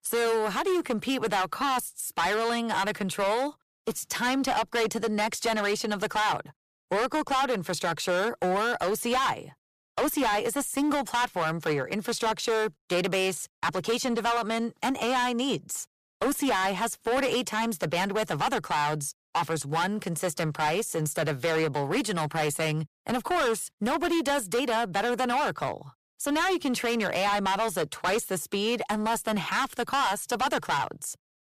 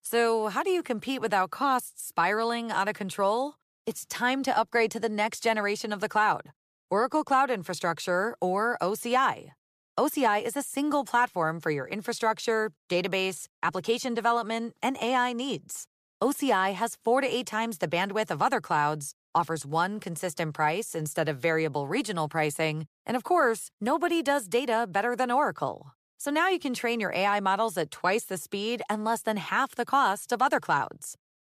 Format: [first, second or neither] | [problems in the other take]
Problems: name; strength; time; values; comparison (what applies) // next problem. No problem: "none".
second | distortion; heavy; 17% of the sound clipped